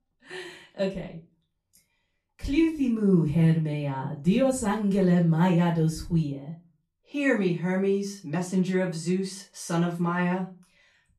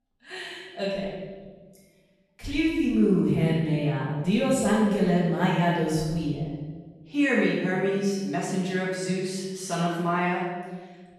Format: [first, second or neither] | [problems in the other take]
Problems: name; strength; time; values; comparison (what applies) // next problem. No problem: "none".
first | room echo; strong; dies away in 1.2 s; slight in the first // off-mic speech; far; far in the first